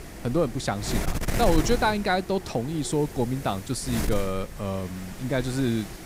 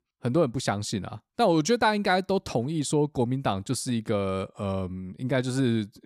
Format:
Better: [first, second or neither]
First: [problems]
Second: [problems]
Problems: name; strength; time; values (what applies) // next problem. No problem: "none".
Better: second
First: wind noise on the microphone; heavy; 9 dB below the speech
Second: none